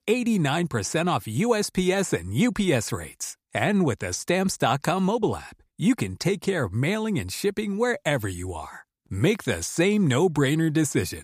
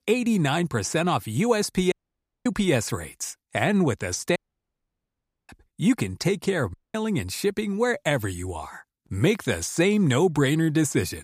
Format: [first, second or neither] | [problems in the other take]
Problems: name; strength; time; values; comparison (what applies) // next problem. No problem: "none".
first | audio cutting out; at 2 s for 0.5 s, at 4.5 s for 1 s and at 6.5 s